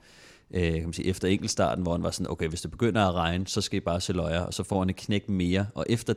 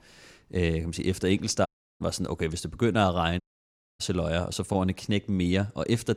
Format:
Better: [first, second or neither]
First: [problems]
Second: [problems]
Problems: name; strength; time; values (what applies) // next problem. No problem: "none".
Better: first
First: none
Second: audio cutting out; at 1.5 s and at 3.5 s for 0.5 s